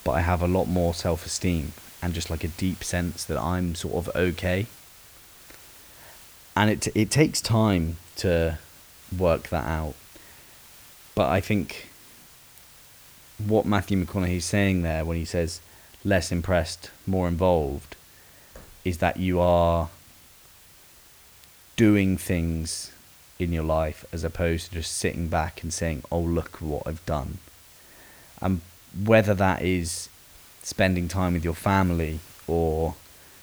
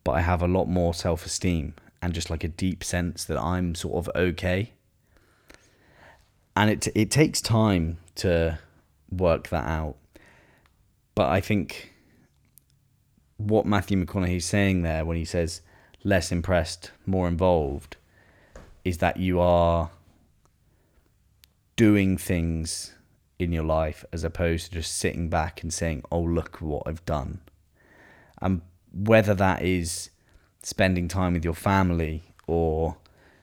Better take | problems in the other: second | hiss; faint; throughout; 20 dB below the speech

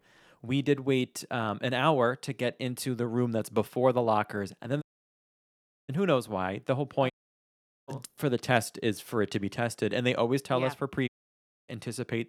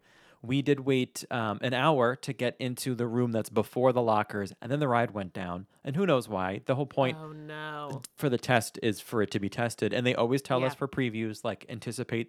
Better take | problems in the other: second | audio cutting out; at 5 s for 1 s, at 7 s for 1 s and at 11 s for 0.5 s

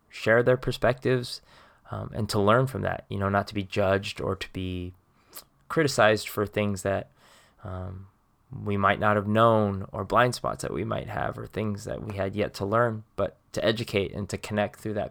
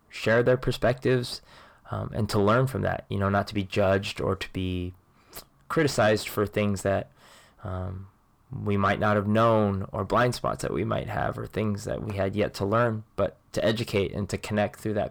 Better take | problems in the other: first | distortion; slight; 10 dB below the speech

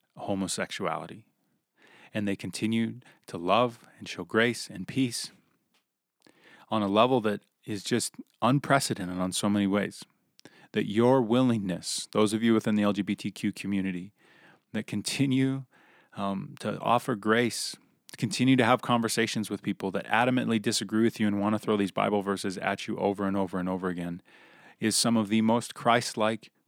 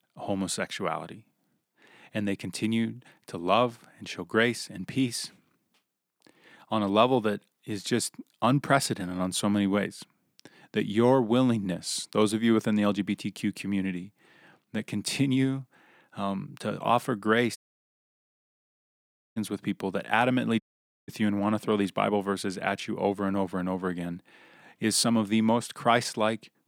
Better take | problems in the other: first | audio cutting out; at 18 s for 2 s and at 21 s

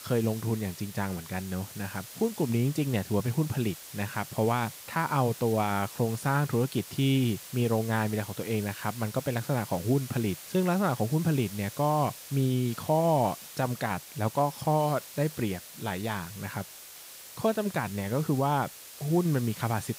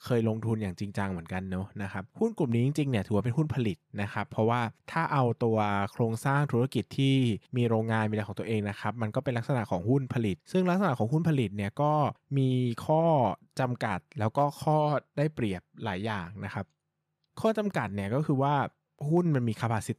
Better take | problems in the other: second | hiss; noticeable; throughout; 15 dB below the speech

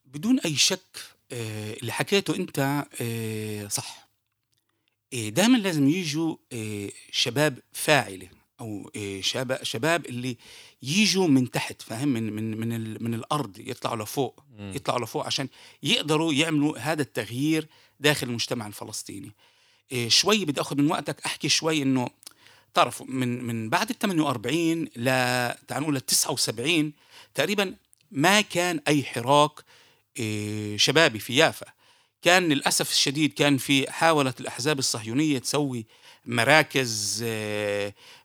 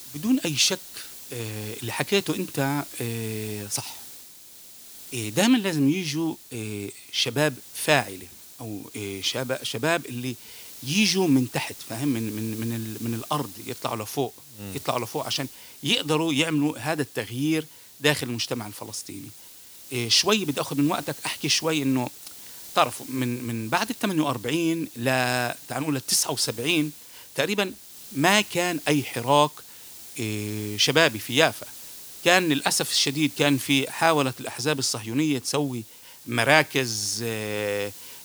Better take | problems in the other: first | hiss; noticeable; throughout; 15 dB below the speech

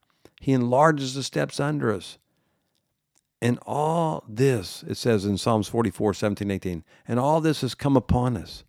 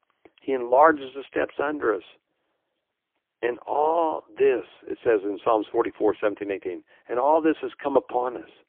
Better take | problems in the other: first | phone-call audio; poor line; nothing above 3.5 kHz

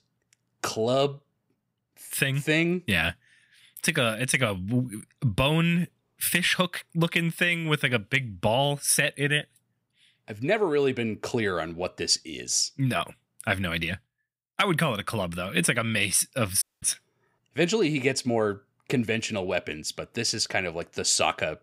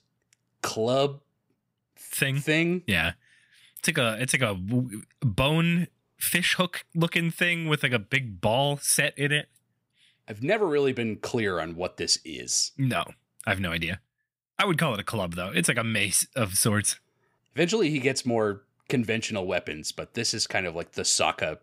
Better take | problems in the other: second | audio cutting out; at 17 s

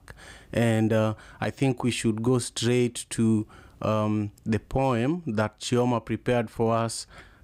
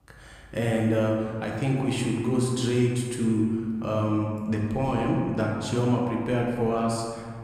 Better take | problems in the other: first | room echo; noticeable; dies away in 1.9 s // off-mic speech; somewhat distant

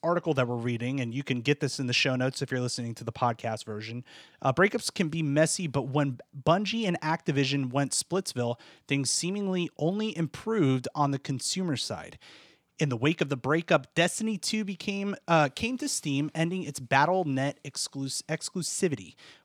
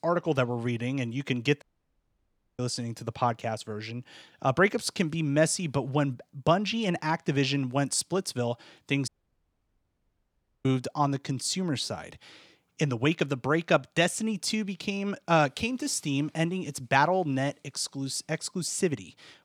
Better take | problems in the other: first | audio cutting out; at 1.5 s for 1 s and at 9 s for 1.5 s

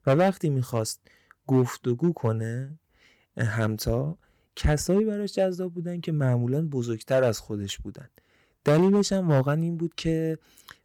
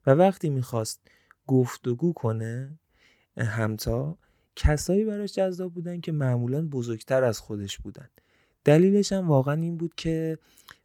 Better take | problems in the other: second | distortion; slight; 3% of the sound clipped

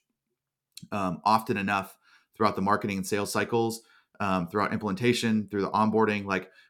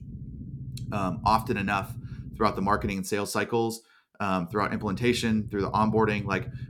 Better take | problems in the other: first | low rumble; faint; until 3 s and from 4.5 s on; 20 dB below the speech

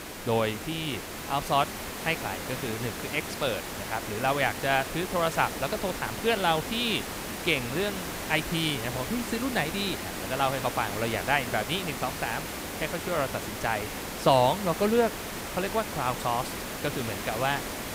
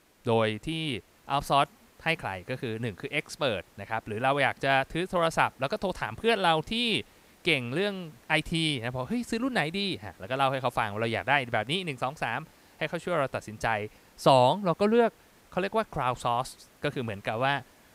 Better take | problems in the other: second | hiss; loud; throughout; 5 dB below the speech; faint in the second

